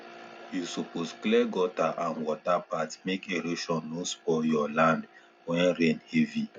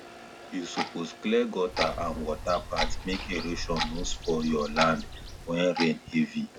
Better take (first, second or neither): first